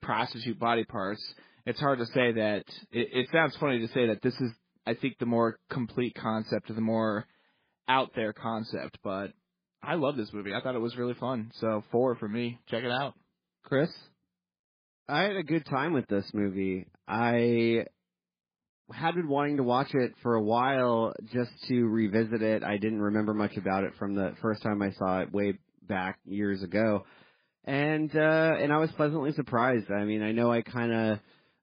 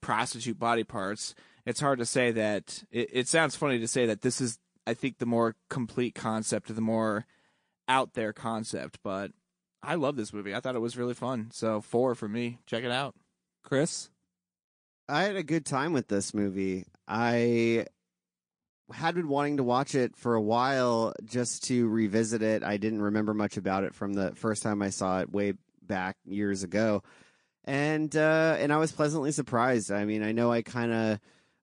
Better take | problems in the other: second | garbled, watery; badly; slightly in the second

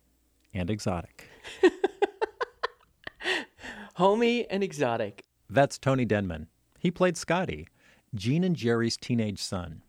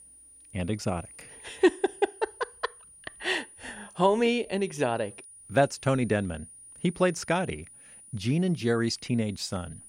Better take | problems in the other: first | high-pitched whine; noticeable; throughout; 9.5 kHz, 20 dB below the speech

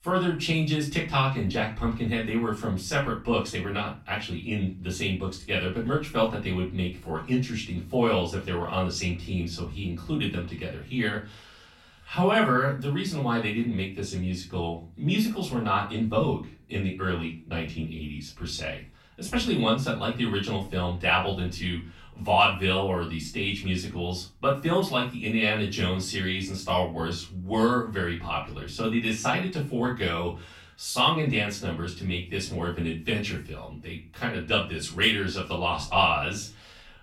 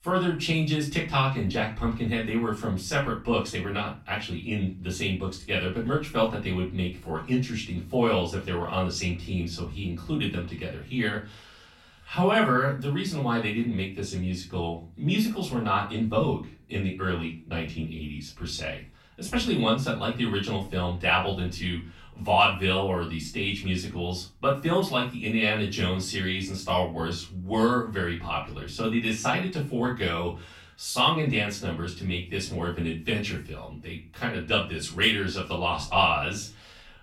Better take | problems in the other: neither | off-mic speech; far; the same in both // room echo; slight; dies away in 0.3 s; the same in both

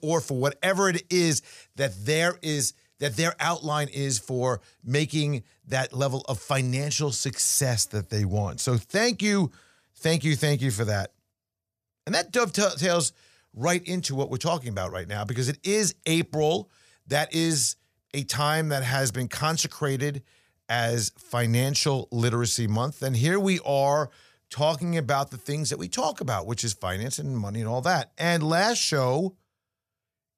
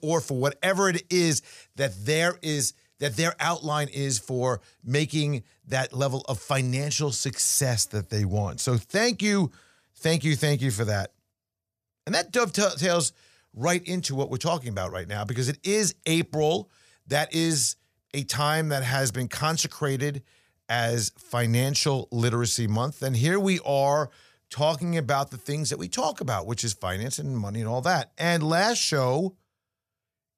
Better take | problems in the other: neither | none

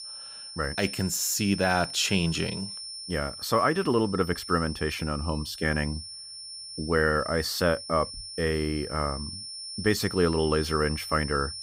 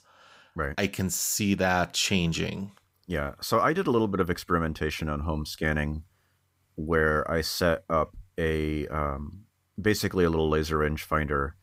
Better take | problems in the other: second | high-pitched whine; loud; throughout; 5.5 kHz, 10 dB below the speech

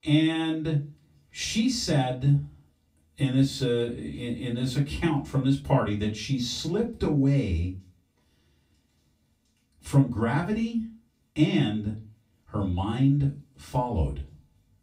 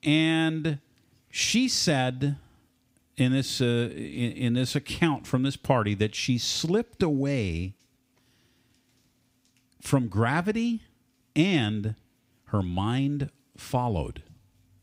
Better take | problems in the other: second | off-mic speech; far // room echo; very slight; dies away in 0.2 s

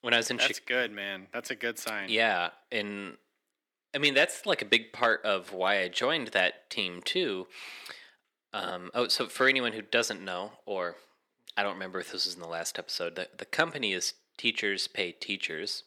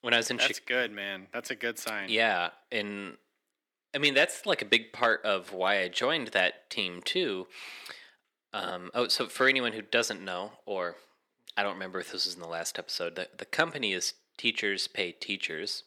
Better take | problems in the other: neither | thin; somewhat; fading below 250 Hz; the same in both

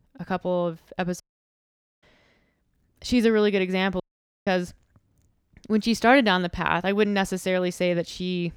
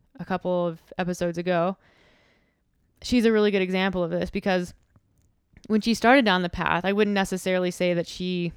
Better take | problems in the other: second | audio cutting out; at 1 s for 1 s and at 4 s

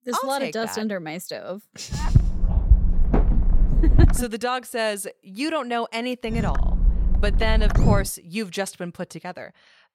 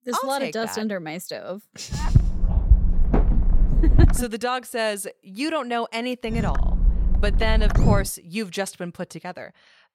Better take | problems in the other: neither | low rumble; loud; from 2 to 4 s and from 6.5 to 8 s; 7 dB below the speech; the same in both

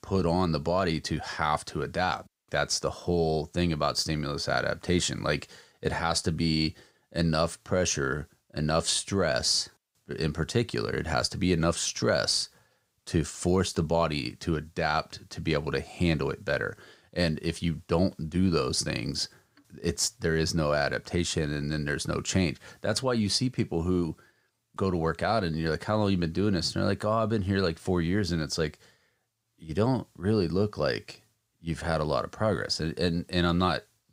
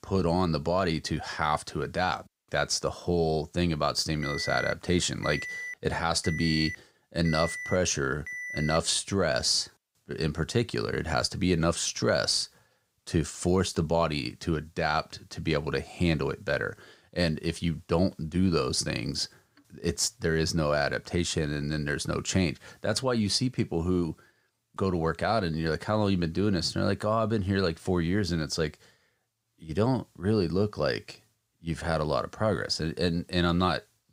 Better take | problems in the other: first | alarm; noticeable; from 4 to 9 s; peak 6 dB below the speech

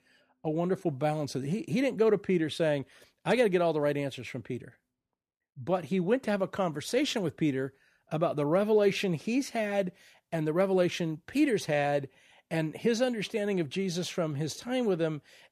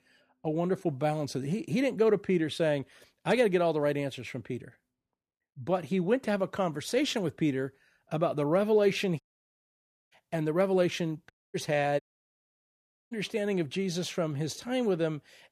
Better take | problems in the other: first | audio cutting out; at 9 s for 1 s, at 11 s and at 12 s for 1 s

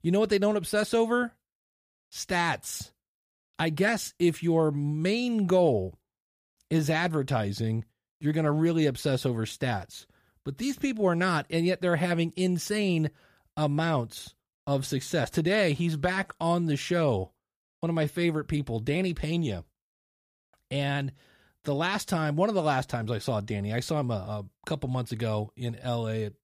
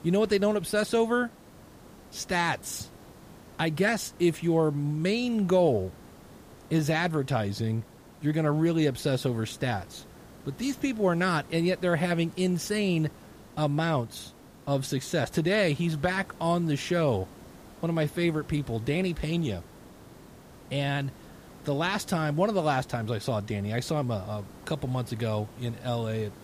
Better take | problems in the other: first | hiss; faint; throughout; 20 dB below the speech

